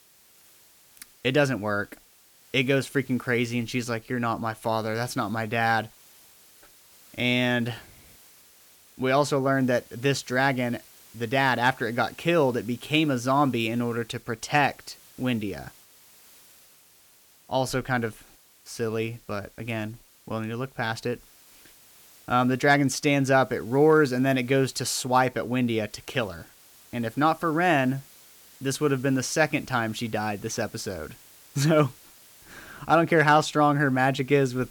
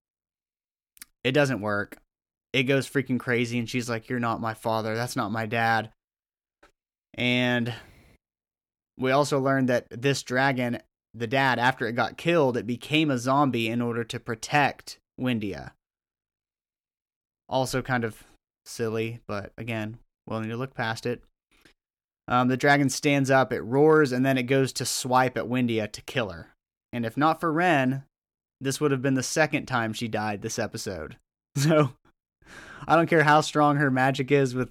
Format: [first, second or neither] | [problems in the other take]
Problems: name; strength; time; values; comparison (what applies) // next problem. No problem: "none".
second | hiss; faint; throughout; 25 dB below the speech